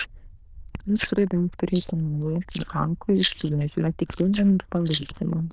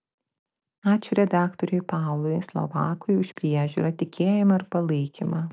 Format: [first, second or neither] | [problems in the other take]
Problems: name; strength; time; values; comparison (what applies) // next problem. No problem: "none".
second | noise reduction (neural diffusion model UNIVERSE++)